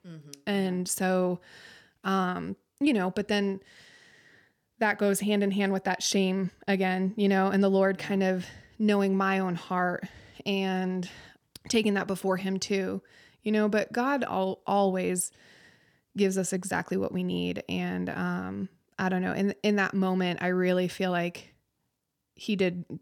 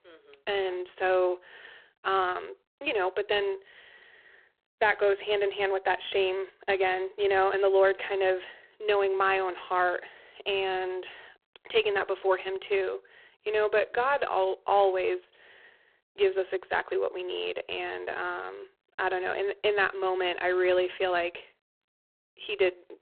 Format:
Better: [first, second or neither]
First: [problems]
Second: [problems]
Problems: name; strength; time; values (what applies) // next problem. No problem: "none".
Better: first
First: none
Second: phone-call audio; poor line